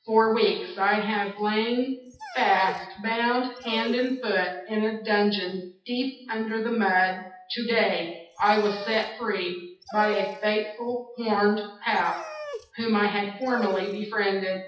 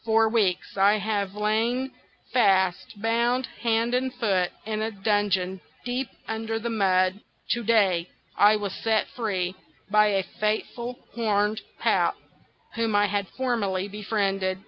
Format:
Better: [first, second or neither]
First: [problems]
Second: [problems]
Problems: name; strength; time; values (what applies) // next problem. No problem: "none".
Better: second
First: noise reduction (classical method WPE with log-MMSE)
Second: none